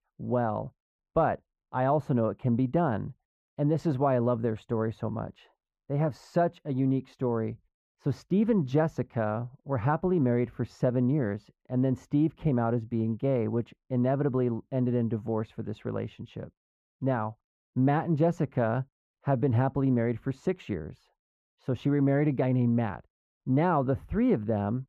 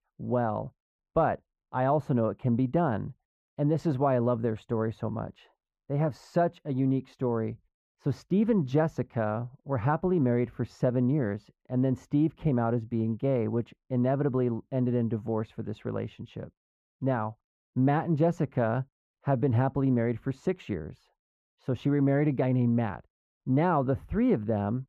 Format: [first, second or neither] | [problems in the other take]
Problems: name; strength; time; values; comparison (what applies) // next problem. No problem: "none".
neither | muffled; very; fading above 2.5 kHz; the same in both